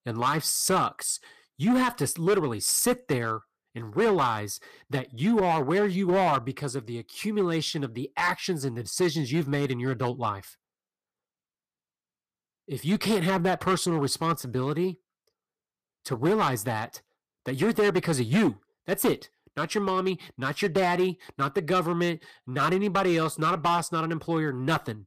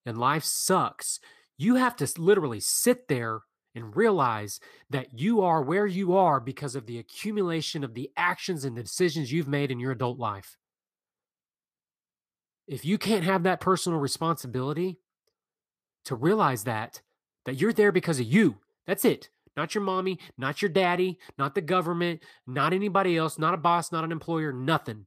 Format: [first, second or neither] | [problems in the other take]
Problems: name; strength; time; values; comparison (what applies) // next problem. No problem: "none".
second | distortion; slight; 5% of the sound clipped